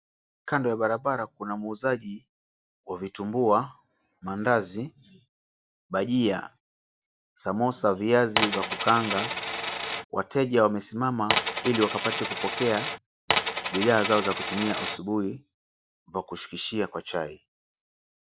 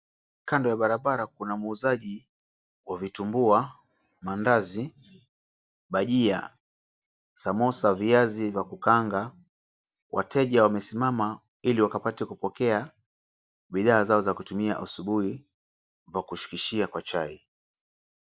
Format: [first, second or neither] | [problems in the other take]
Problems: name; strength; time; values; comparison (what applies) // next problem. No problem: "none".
second | background sound (Coin (dropping)); 1 dB below the speech